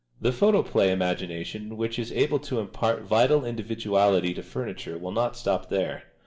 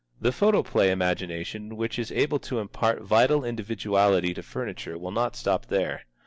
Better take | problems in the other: second | room echo; dies away in 0.4 s

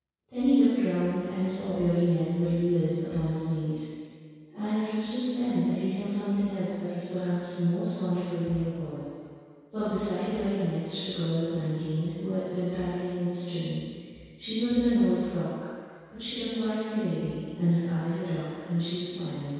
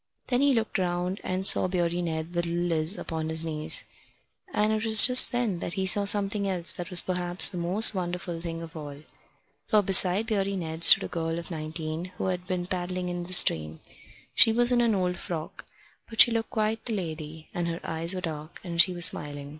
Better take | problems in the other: second | room echo; dies away in 2 s

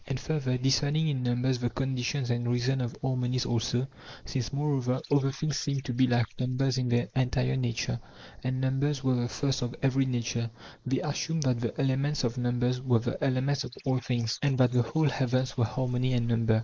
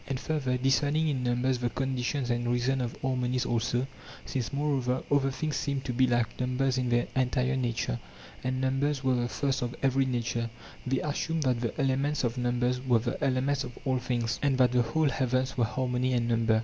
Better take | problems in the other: second | noise reduction (neural mask model Resemble Enhance denoiser)

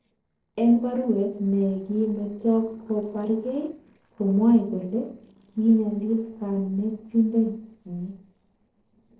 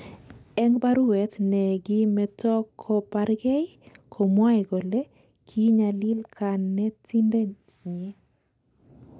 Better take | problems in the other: second | noise reduction (neural separator model SepFormer DNS4)

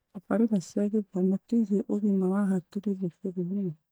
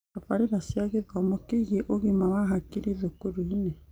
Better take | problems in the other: second | noise reduction (neural mask model DeepFilterNet 3)

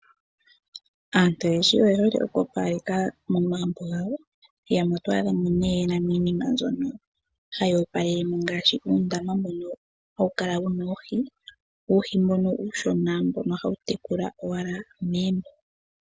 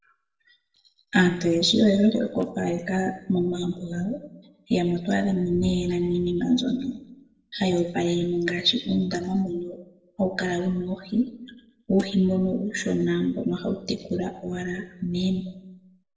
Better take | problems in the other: first | noise reduction (neural separator model SepFormer DNS4)

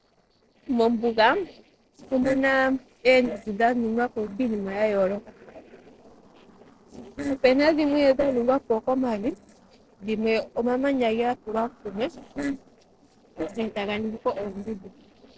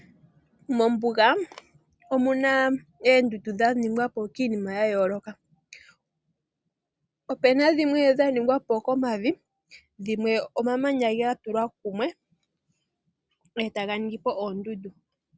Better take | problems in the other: second | noise reduction (neural separator model SepFormer DNS4)

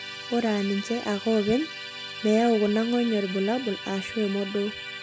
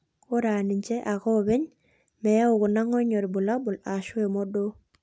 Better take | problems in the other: second | background sound (Musical instrument); 11 dB below the speech

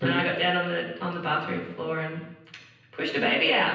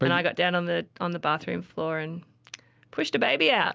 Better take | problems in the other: second | room echo; dies away in 0.9 s

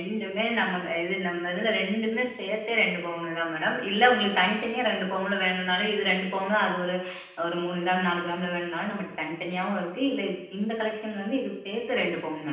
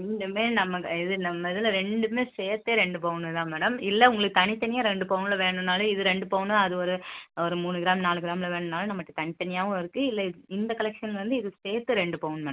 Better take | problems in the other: second | room echo; dies away in 0.9 s

